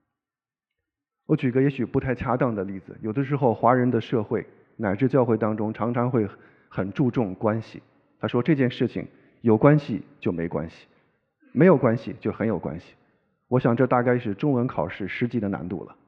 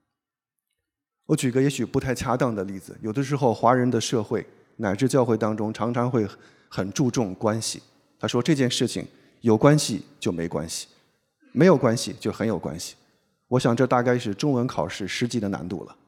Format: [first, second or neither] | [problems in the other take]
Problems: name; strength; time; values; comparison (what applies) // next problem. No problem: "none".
second | muffled; very; fading above 2.5 kHz